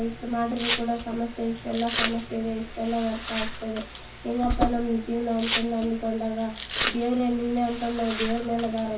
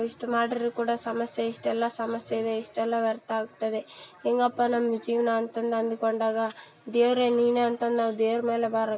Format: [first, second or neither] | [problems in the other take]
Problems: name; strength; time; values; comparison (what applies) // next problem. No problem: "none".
second | background sound (Domestic sounds, home sounds); 5 dB below the speech // room echo; dies away in 0.4 s